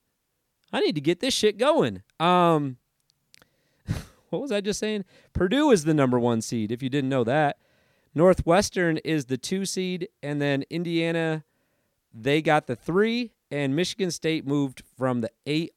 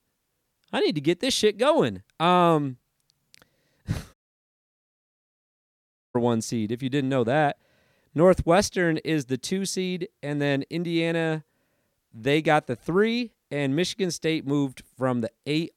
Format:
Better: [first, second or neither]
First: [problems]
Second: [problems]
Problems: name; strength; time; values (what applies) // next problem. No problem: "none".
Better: first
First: none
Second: audio cutting out; at 4 s for 2 s